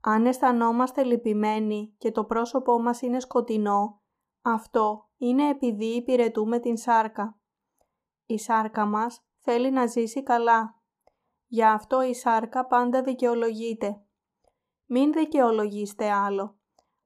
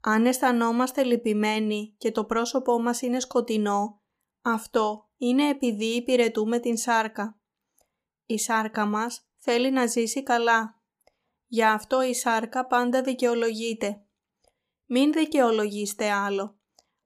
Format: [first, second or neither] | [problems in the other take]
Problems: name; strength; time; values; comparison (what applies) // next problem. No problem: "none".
second | muffled; slightly; fading above 1.5 kHz